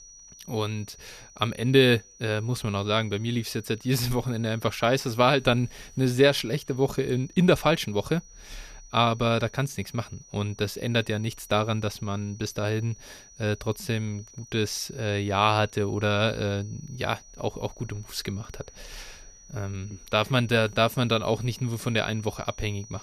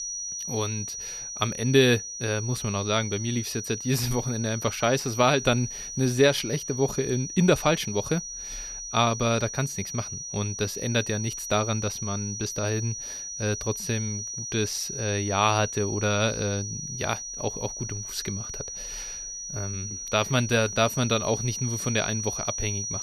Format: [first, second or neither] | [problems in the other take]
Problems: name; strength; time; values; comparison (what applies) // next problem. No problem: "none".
first | high-pitched whine; loud; throughout; 6 kHz, 6 dB below the speech; faint in the first